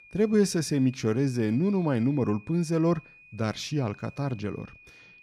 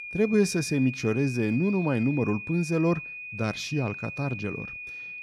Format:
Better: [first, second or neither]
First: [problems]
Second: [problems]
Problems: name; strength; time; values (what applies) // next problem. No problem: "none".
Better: first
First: high-pitched whine; faint; throughout; 2.5 kHz, 25 dB below the speech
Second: high-pitched whine; loud; throughout; 2.5 kHz, 9 dB below the speech